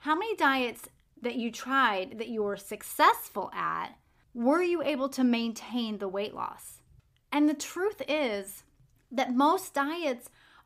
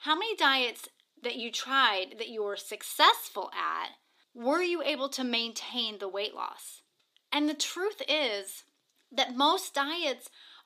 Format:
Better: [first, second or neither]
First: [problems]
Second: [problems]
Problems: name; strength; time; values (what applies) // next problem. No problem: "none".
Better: first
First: none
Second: thin; very slightly; fading below 300 Hz